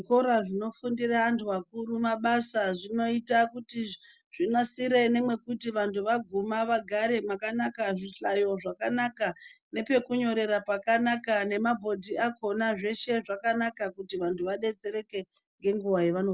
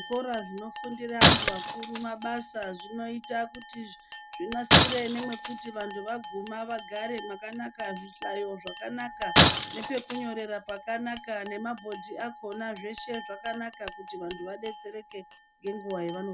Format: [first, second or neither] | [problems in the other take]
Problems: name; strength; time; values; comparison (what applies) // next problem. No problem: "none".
first | background sound (Chink, clink + Shatter); 4 dB above the speech